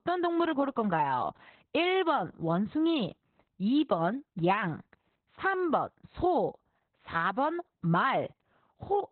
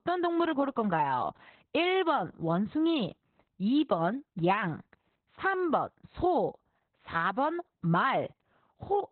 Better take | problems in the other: neither | garbled, watery; badly; nothing above 4 kHz; the same in both

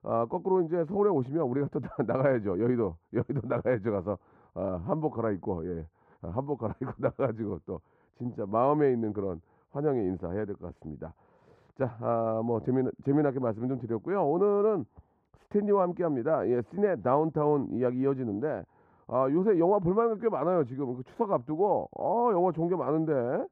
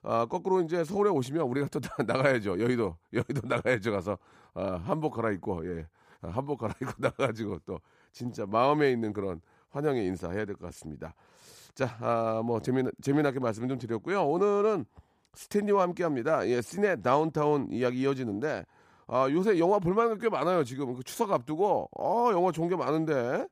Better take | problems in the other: second | muffled; very; fading above 3 kHz

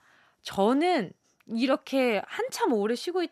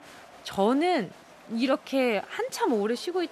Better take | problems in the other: first | crowd noise; faint; throughout; 20 dB below the speech

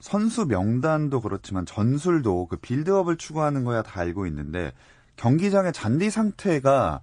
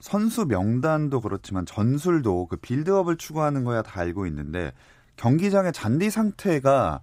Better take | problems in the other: second | garbled, watery; slightly; nothing above 9.5 kHz

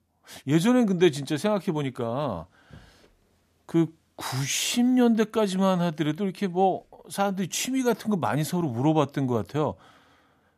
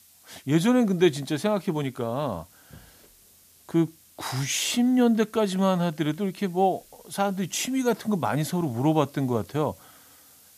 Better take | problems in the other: first | hiss; faint; throughout; 25 dB below the speech

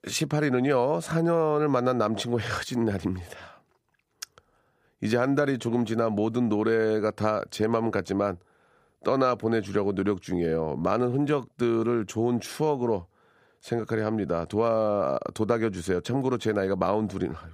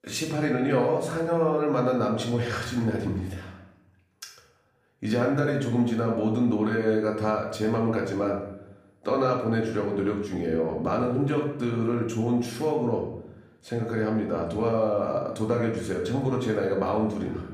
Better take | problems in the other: first | room echo; noticeable; dies away in 0.7 s // off-mic speech; far

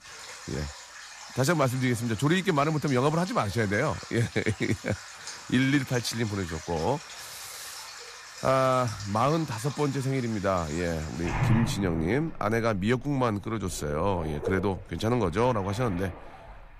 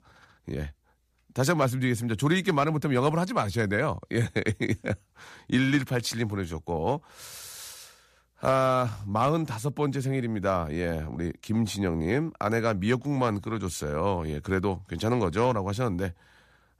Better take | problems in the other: second | rain or running water; noticeable; throughout; 10 dB below the speech

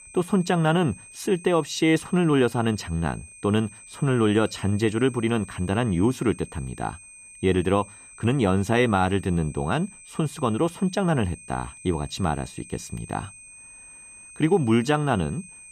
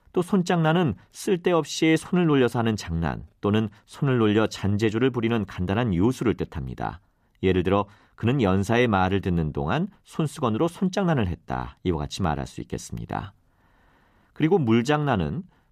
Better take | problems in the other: second | high-pitched whine; noticeable; throughout; 8.5 kHz, 20 dB below the speech

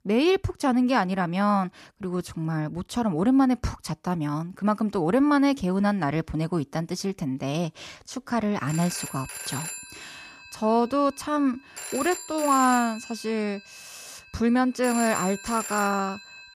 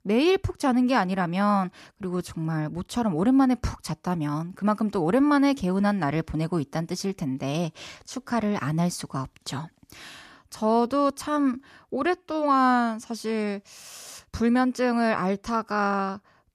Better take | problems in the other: second | phone ringing; noticeable; from 8.5 s on; peak 6 dB below the speech

